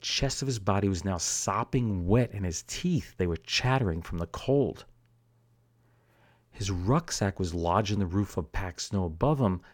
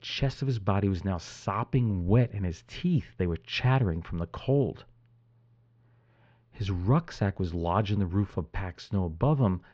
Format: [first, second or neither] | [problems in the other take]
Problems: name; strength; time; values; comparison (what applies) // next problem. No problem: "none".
first | muffled; slightly; fading above 4 kHz